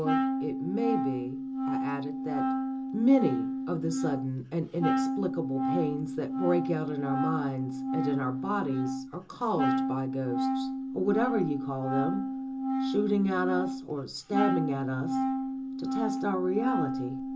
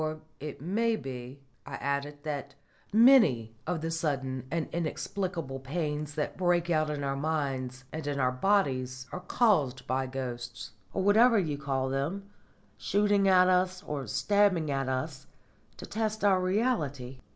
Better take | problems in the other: second | background sound (Wind instrument, woodwind instrument); 1 dB above the speech // room echo; dies away in 0.2 s

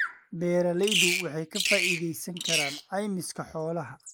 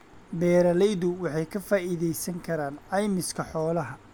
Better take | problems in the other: second | noise reduction (neural mask model Resemble Enhance denoiser)

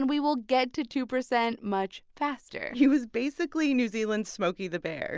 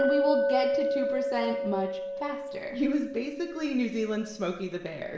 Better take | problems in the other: first | background sound (Chink, clink); as loud as the speech // room echo; dies away in 1 s

